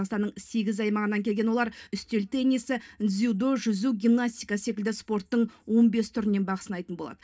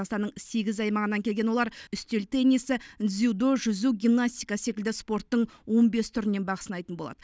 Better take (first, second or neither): second